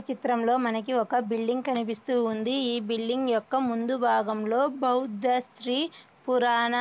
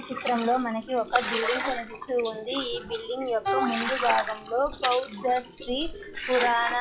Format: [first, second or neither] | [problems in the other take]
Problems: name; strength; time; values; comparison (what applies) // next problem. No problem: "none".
first | noise reduction (classical method log-MMSE)